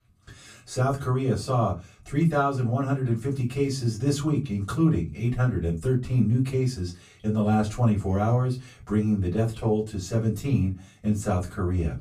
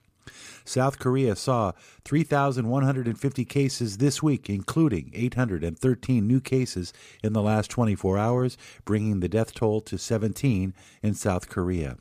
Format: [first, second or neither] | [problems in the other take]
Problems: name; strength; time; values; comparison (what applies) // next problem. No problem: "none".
second | off-mic speech; far // room echo; very slight; dies away in 0.2 s